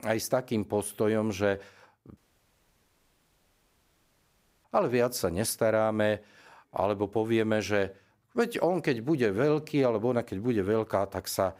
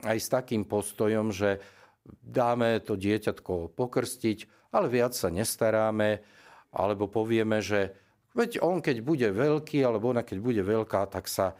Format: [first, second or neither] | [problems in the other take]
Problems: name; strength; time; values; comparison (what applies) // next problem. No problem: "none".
second | audio cutting out; at 2 s for 2.5 s